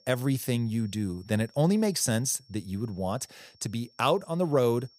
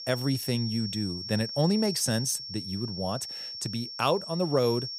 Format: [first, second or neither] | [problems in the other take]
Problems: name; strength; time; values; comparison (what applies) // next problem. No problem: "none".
first | high-pitched whine; loud; throughout; 5.5 kHz, 6 dB below the speech; faint in the first